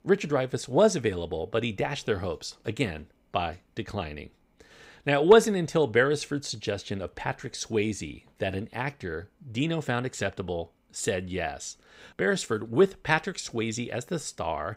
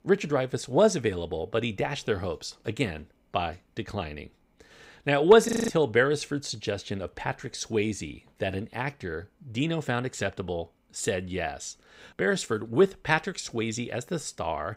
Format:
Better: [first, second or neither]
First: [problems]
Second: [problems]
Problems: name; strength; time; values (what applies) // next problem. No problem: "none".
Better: first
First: none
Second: audio freezing; at 5.5 s